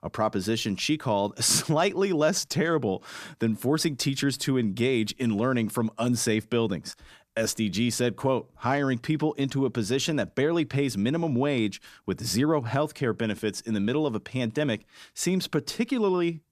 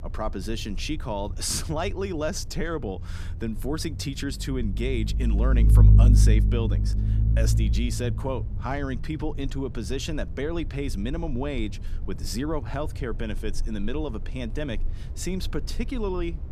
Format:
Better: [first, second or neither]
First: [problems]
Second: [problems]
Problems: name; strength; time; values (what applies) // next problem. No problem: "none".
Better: first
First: none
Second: low rumble; noticeable; throughout; 10 dB below the speech